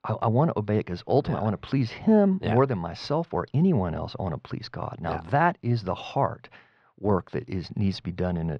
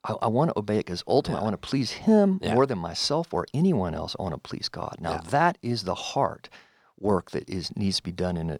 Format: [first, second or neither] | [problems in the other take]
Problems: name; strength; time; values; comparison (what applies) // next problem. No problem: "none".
second | muffled; slightly; fading above 2.5 kHz